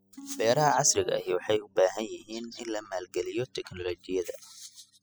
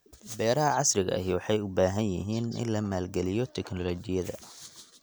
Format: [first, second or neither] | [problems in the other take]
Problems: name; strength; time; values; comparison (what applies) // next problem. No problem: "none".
second | noise reduction (classical method spectral subtraction)